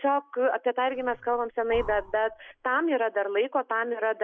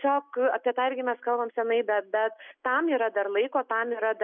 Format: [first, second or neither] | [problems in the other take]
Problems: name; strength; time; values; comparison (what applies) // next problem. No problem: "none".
second | background sound (Breathing); 18 dB below the speech